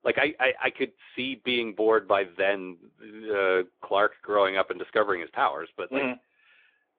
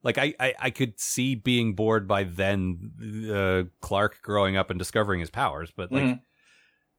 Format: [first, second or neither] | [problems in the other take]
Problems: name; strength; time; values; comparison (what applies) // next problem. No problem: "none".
second | phone-call audio; nothing above 3.5 kHz